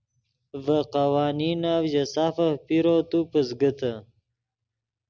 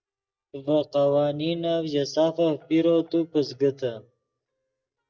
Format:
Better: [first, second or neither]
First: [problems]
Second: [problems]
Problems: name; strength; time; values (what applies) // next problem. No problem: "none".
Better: first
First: none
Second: noise reduction (neural mask model DeepFilterNet 3)